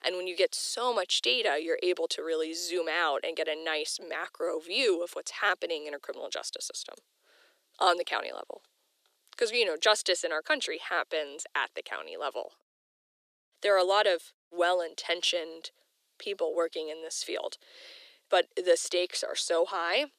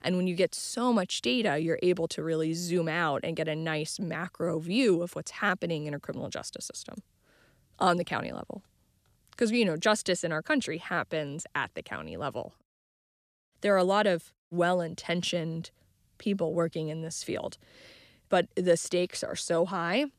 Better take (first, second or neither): second